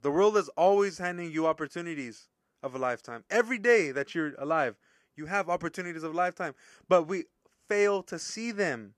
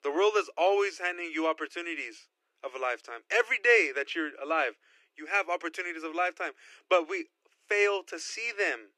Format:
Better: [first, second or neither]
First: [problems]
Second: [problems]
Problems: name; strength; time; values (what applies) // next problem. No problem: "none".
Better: first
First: none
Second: thin; very; fading below 300 Hz